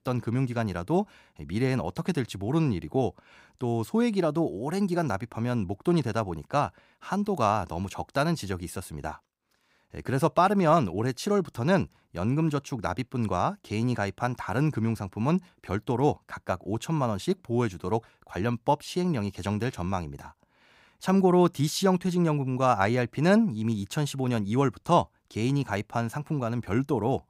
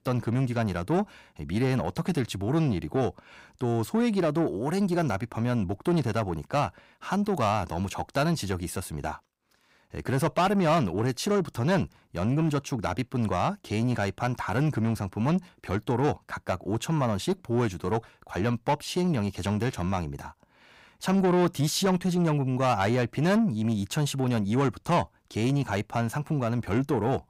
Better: first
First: none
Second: distortion; slight; 10 dB below the speech

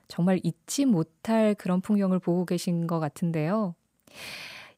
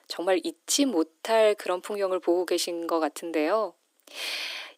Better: first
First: none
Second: thin; very; fading below 300 Hz

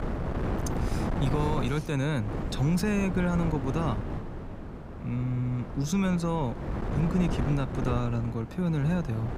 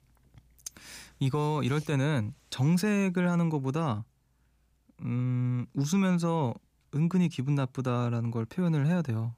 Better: second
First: wind noise on the microphone; heavy; 5 dB below the speech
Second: none

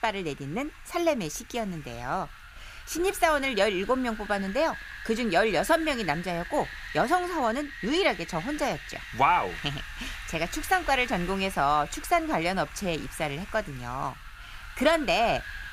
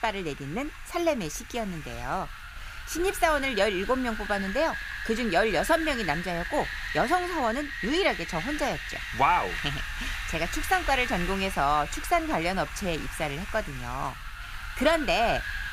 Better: first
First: wind noise on the microphone; occasional gusts; 15 dB below the speech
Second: wind noise on the microphone; heavy; 7 dB below the speech

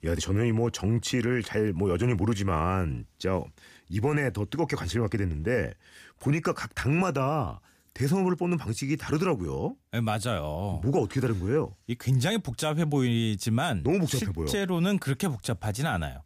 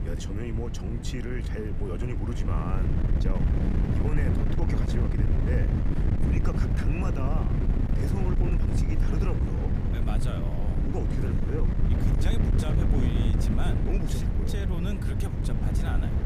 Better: first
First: none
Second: wind noise on the microphone; heavy; 1 dB above the speech

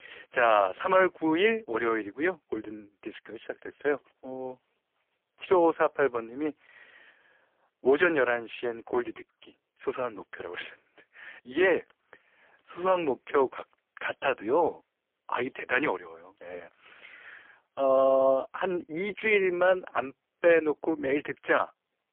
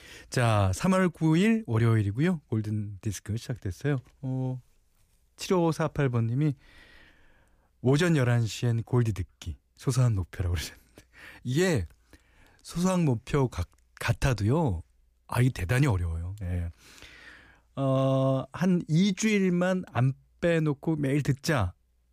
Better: second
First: phone-call audio; poor line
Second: none

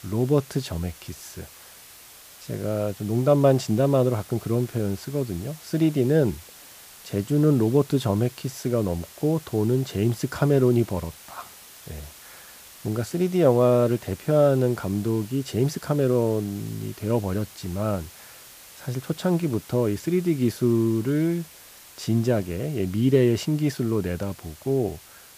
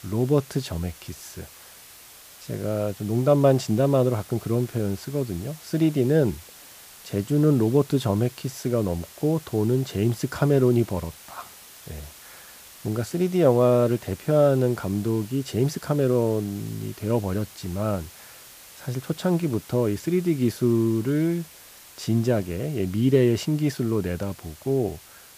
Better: neither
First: hiss; noticeable; throughout; 20 dB below the speech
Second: hiss; noticeable; throughout; 20 dB below the speech

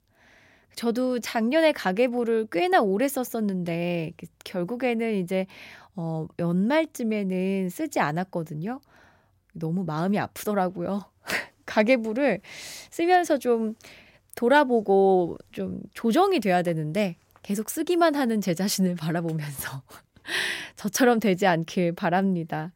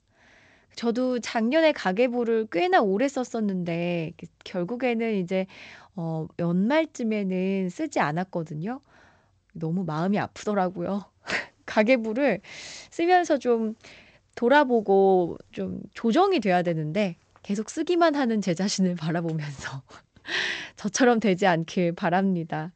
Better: first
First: none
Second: garbled, watery; slightly; nothing above 7.5 kHz

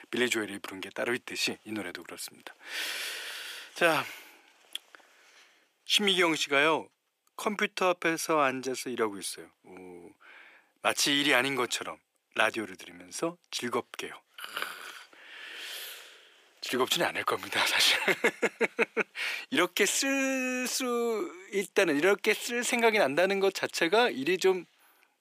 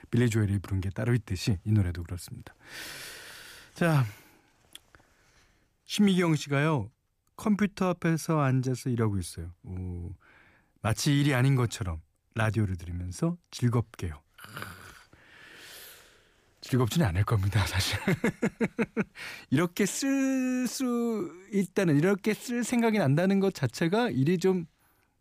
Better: second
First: thin; very; fading below 400 Hz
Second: none

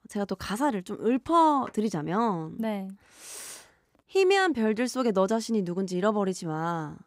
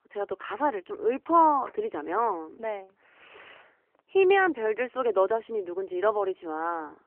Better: first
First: none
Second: phone-call audio; nothing above 3 kHz

